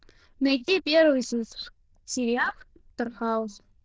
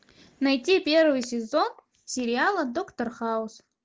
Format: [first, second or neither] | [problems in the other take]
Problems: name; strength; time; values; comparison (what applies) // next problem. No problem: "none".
second | noise reduction (neural diffusion model UNIVERSE++)